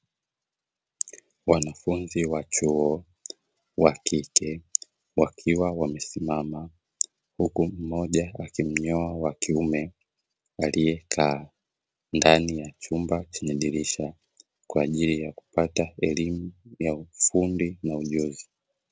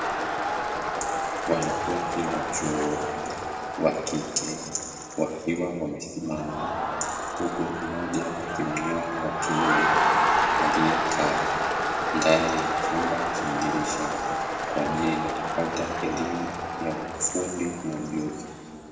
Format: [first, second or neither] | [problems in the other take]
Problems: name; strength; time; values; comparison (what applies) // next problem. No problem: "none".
first | background sound (Crowd); 2 dB above the speech // room echo; dies away in 2.3 s